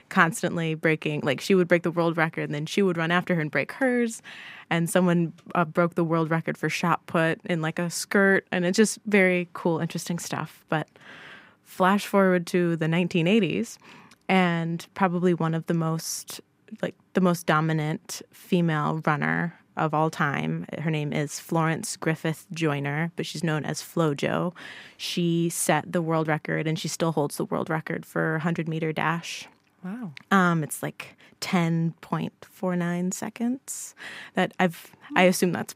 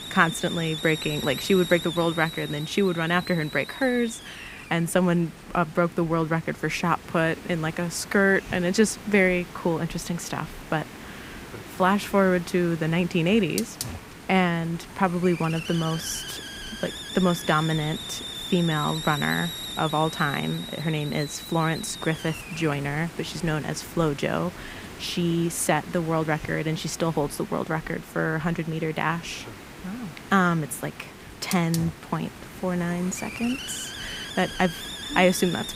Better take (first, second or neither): first